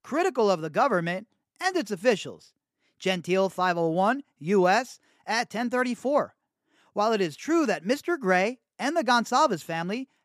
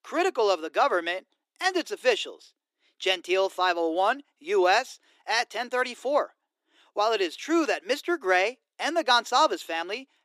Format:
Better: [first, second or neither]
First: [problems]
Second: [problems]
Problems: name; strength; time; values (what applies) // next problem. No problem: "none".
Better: first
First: none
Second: thin; somewhat; fading below 300 Hz